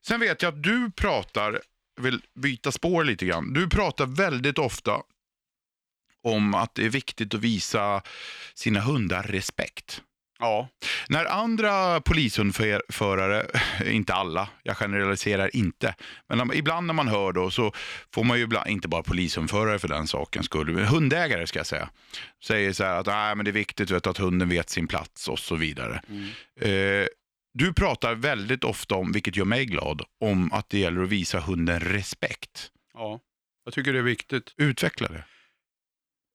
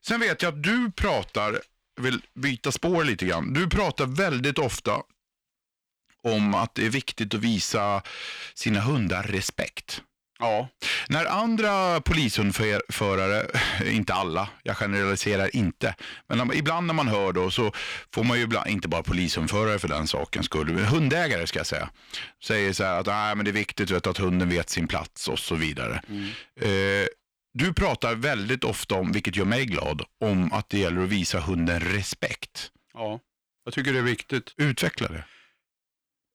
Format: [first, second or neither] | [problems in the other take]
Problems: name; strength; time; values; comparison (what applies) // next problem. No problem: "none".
first | distortion; slight; 10 dB below the speech